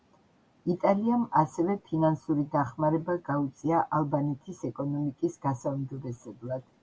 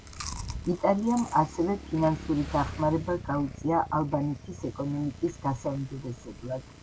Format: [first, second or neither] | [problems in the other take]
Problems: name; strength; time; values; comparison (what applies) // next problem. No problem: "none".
first | background sound (Chewing, mastication + Motorcycle / Engine); 12 dB below the speech